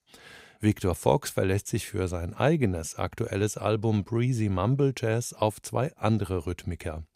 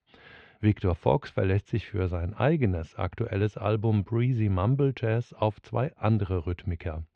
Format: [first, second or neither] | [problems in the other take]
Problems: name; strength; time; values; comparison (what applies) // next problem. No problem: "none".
first | muffled; very; fading above 3.5 kHz